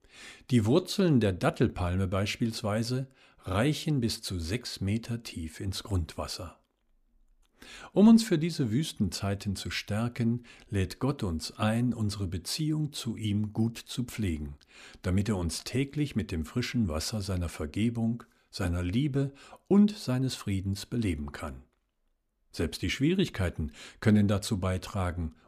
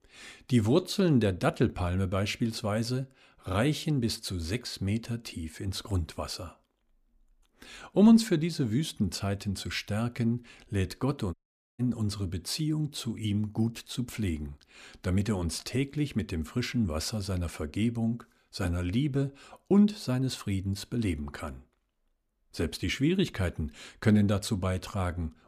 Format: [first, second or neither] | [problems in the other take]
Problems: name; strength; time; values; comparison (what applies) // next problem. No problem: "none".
first | audio cutting out; at 11 s